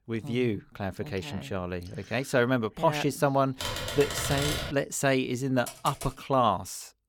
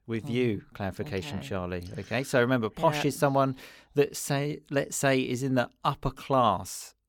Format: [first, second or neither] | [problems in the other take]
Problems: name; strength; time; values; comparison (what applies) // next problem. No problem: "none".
second | keyboard typing; noticeable; from 3.5 to 4.5 s; peak 1 dB below the speech // keyboard typing; faint; at 5.5 s; peak 10 dB below the speech